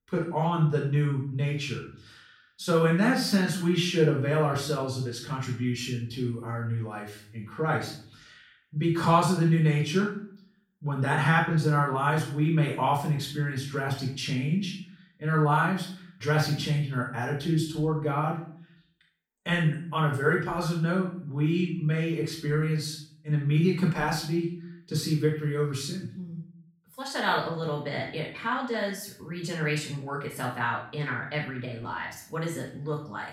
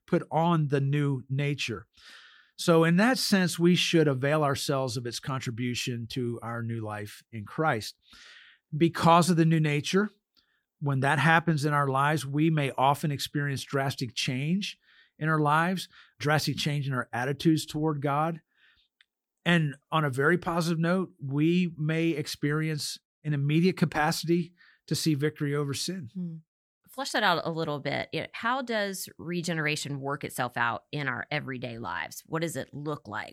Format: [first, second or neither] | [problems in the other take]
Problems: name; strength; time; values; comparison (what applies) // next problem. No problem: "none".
second | off-mic speech; far // room echo; noticeable; dies away in 0.5 s